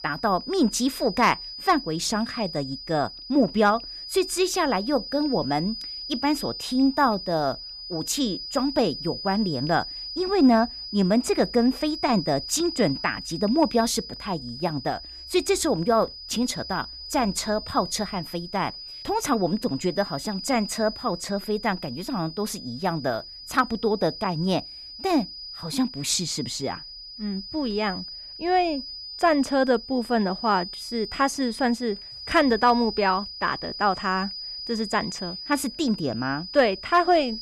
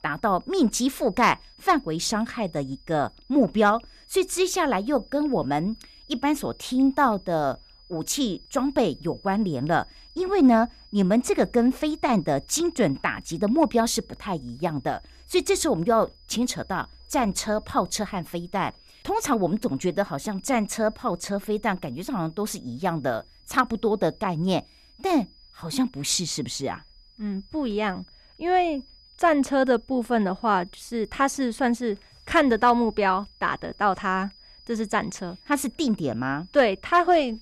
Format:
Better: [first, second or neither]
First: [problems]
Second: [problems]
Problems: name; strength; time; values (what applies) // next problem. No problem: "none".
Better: second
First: high-pitched whine; loud; throughout; 5 kHz, 10 dB below the speech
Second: high-pitched whine; faint; throughout; 5 kHz, 25 dB below the speech